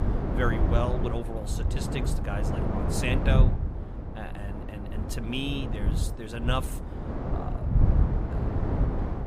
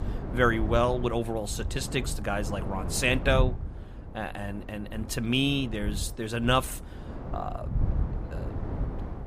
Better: second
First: wind noise on the microphone; heavy; 3 dB below the speech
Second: wind noise on the microphone; occasional gusts; 15 dB below the speech

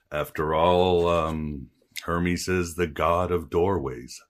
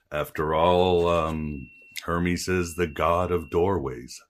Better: first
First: none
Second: high-pitched whine; faint; from 1 to 2 s and at 2.5 s; 2.5 kHz, 25 dB below the speech

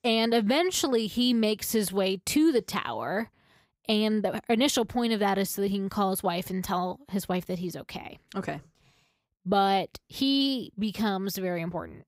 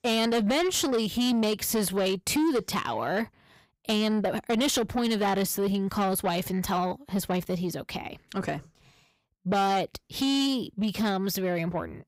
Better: first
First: none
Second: distortion; slight; 10 dB below the speech

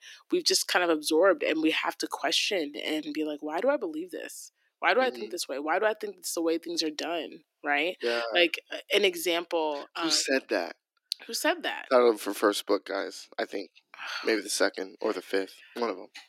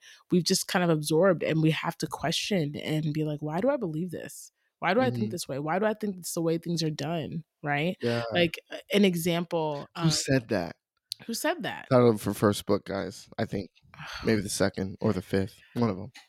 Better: second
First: thin; somewhat; fading below 300 Hz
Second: none

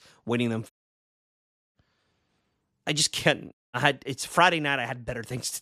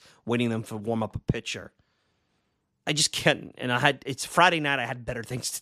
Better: second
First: audio cutting out; at 0.5 s for 1 s and at 3.5 s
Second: none

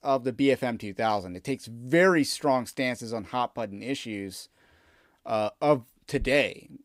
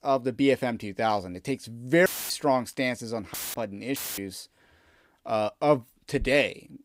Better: first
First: none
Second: audio cutting out; filled with static; at 2 s, at 3.5 s and at 4 s

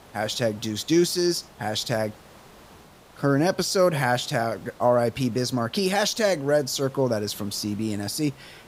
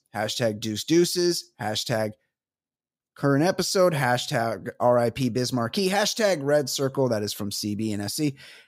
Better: second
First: hiss; faint; throughout; 25 dB below the speech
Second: none

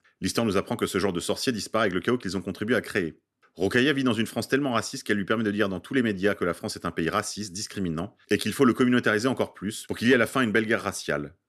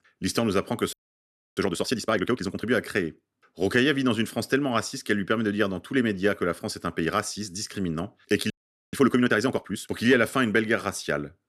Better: first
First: none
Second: audio freezing; at 1 s for 0.5 s and at 8.5 s

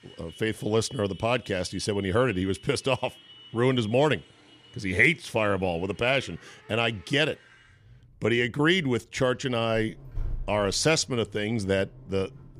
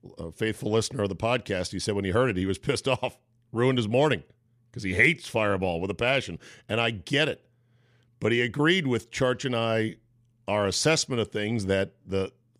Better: second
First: traffic noise; faint; throughout; 20 dB below the speech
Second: none

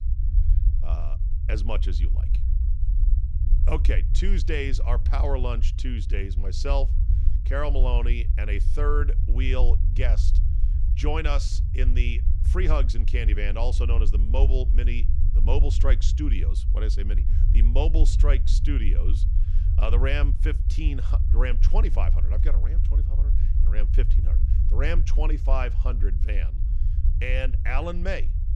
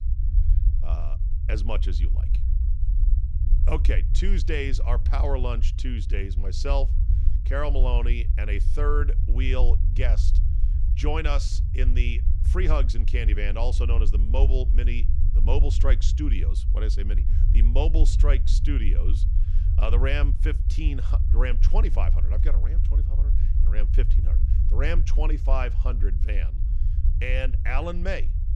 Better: neither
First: low rumble; noticeable; throughout; 10 dB below the speech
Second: low rumble; noticeable; throughout; 10 dB below the speech

